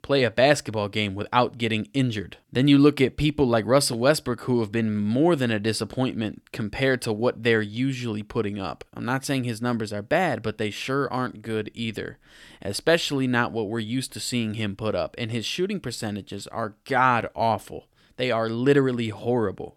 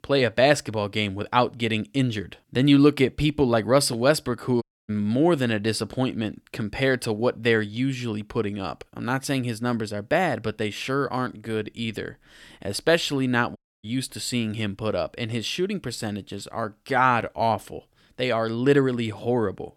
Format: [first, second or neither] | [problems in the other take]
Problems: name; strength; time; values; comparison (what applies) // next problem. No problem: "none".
first | audio cutting out; at 4.5 s and at 14 s